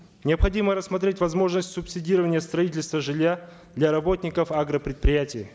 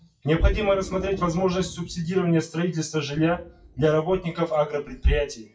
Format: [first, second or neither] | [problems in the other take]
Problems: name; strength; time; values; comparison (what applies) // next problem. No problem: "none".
first | noise reduction (classical method WPE with log-MMSE)